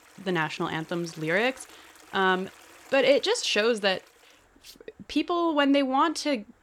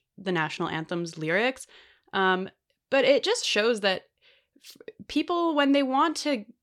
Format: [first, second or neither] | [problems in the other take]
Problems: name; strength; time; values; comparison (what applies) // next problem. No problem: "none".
second | rain or running water; faint; throughout; 25 dB below the speech